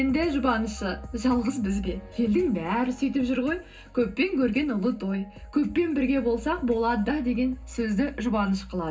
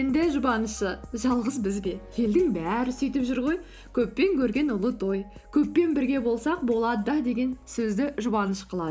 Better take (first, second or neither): second